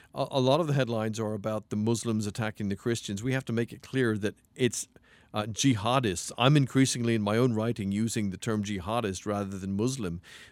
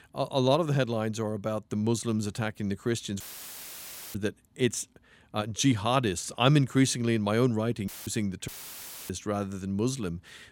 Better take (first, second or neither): first